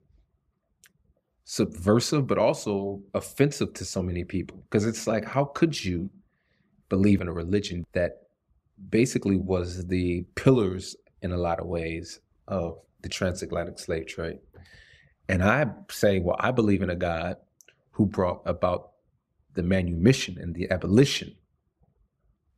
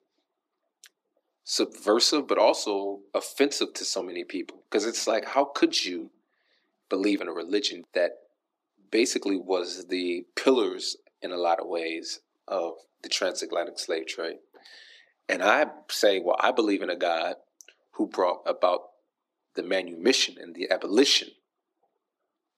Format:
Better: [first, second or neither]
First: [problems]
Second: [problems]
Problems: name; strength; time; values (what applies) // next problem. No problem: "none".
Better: first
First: none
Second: thin; somewhat; fading below 300 Hz